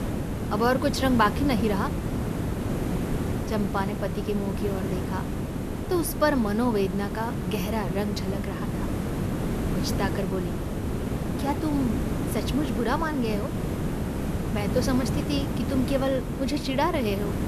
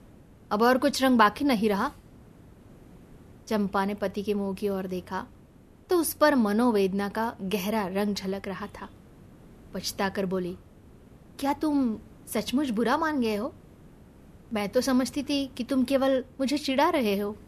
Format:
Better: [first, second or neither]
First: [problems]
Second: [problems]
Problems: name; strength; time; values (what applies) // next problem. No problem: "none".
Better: second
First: hiss; loud; throughout; 2 dB below the speech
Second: hiss; faint; throughout; 25 dB below the speech